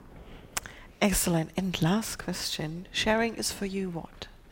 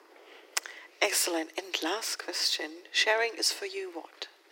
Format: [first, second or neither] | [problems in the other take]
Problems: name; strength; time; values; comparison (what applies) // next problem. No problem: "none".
first | thin; very; fading below 300 Hz